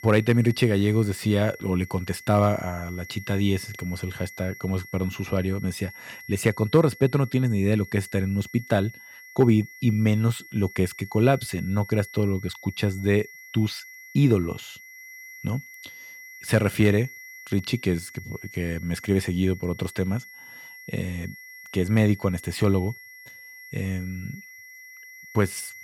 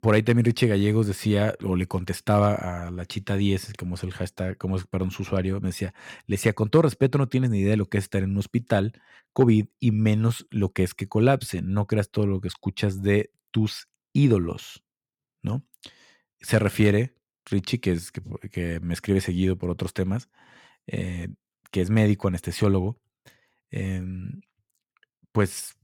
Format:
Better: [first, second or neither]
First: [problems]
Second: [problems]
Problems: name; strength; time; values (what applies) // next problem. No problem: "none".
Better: second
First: high-pitched whine; noticeable; throughout; 2 kHz, 15 dB below the speech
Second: none